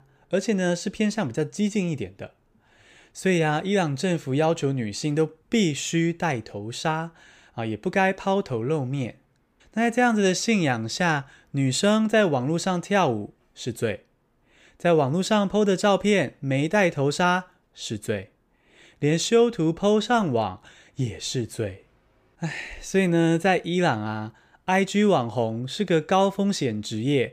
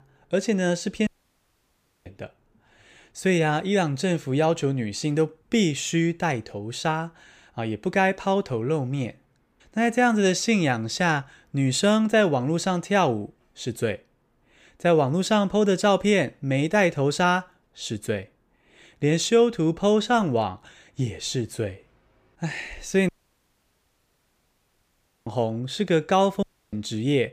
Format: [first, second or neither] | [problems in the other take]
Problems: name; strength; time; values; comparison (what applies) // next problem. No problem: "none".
first | audio cutting out; at 1 s for 1 s, at 23 s for 2 s and at 26 s